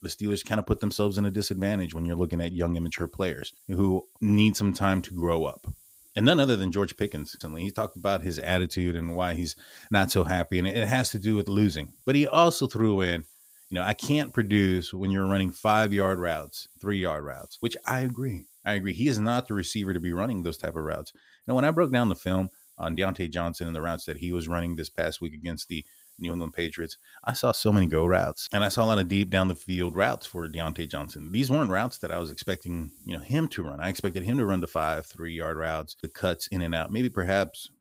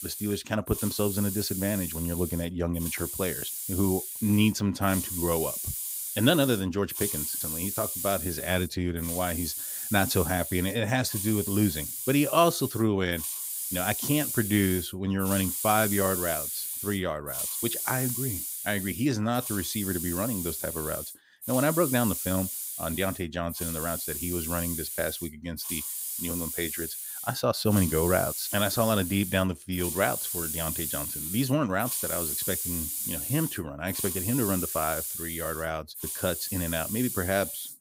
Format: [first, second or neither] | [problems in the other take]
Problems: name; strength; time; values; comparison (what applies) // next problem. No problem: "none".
first | hiss; loud; throughout; 3 dB below the speech; faint in the first